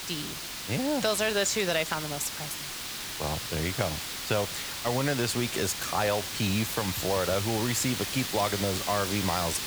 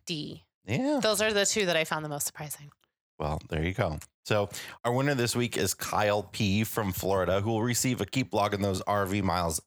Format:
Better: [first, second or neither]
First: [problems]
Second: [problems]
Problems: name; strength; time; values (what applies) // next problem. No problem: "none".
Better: second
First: hiss; loud; throughout; 4 dB below the speech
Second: none